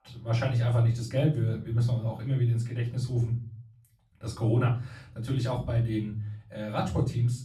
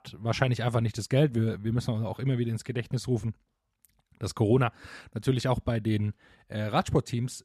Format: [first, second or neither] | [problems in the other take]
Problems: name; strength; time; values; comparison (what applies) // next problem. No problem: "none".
second | room echo; slight; dies away in 0.5 s // off-mic speech; far